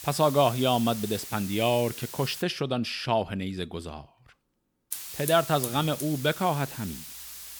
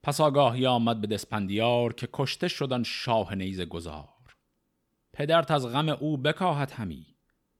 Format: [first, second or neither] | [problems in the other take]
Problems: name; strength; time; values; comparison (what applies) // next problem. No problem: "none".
second | hiss; loud; until 2.5 s and from 5 s on; 10 dB below the speech